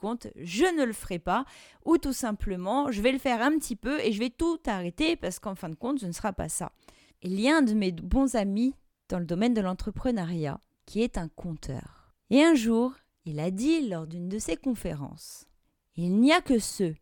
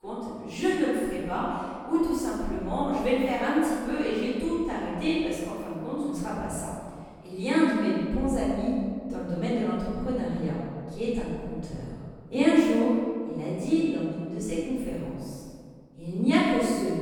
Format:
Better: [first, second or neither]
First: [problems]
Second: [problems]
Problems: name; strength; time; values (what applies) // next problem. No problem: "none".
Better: first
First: none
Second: off-mic speech; far // room echo; strong; dies away in 1.8 s